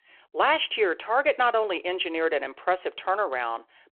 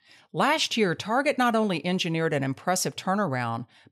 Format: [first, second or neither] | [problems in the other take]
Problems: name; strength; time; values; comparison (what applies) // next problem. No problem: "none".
second | phone-call audio